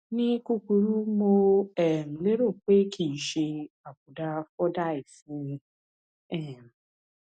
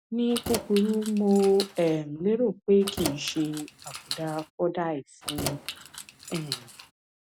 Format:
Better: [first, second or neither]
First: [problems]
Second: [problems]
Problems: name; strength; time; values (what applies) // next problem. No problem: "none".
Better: first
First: none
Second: background sound (Keys jangling); 10 dB below the speech